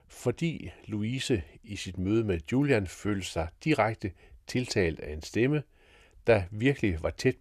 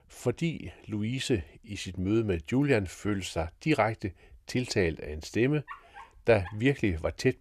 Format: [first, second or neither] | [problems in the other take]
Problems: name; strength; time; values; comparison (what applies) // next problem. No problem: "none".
first | dog barking; faint; at 5.5 s; peak 15 dB below the speech